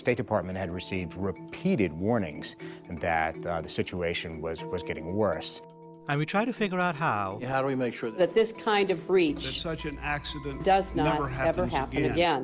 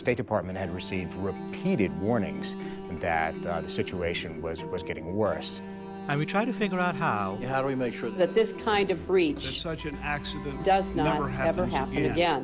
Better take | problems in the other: first | background sound (Alarm); 10 dB below the speech

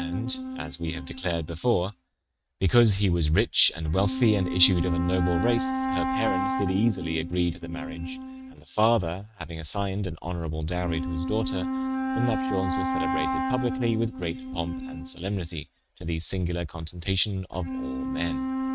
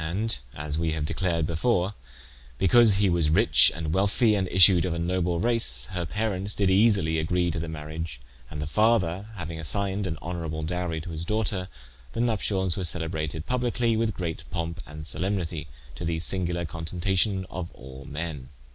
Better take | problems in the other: second | noise reduction (neural mask model RNNoise)

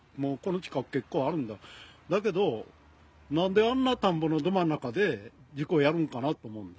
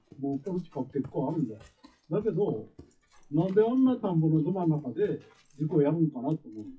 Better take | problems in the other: first | noise reduction (classical method WPE with log-MMSE)

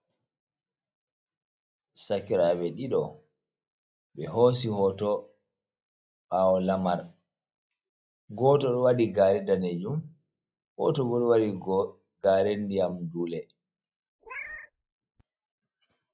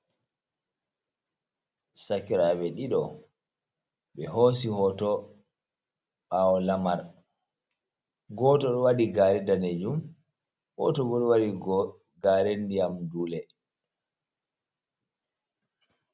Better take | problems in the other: second | noise reduction (classical method log-MMSE)

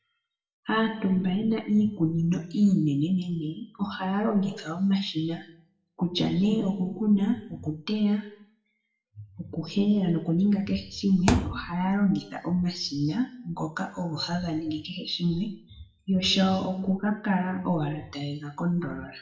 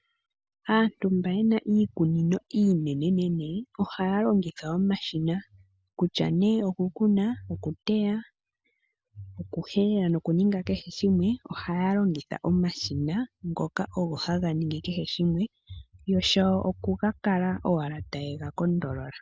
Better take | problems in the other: second | noise reduction (classical method WPE with log-MMSE)

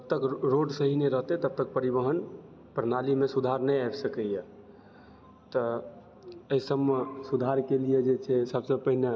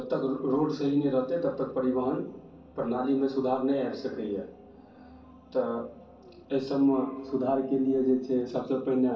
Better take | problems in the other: first | room echo; dies away in 0.3 s

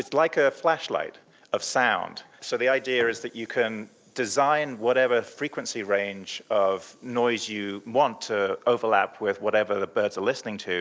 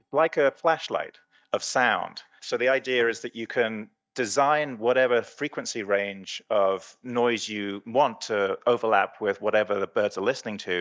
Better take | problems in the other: first | noise reduction (neural mask model DeepFilterNet 3)

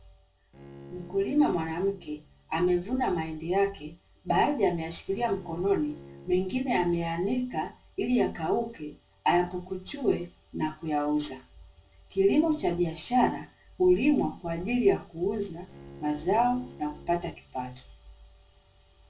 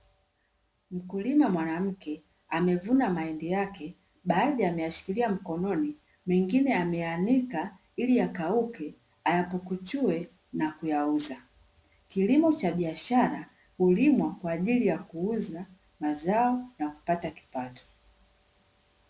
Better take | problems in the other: second | background sound (Bowed string instrument); 20 dB below the speech // room echo; dies away in 0.1 s

